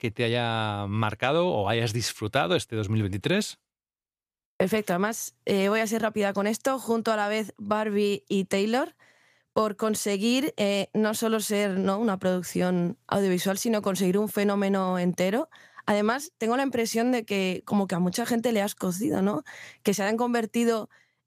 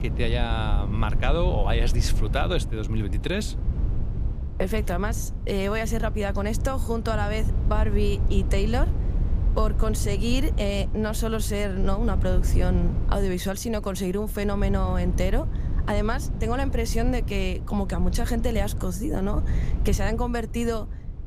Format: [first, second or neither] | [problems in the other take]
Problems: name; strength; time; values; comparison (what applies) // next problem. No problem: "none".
first | low rumble; noticeable; throughout; 15 dB below the speech